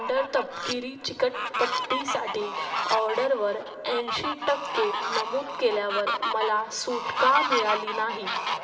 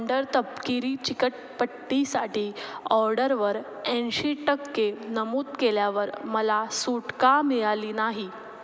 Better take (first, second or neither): second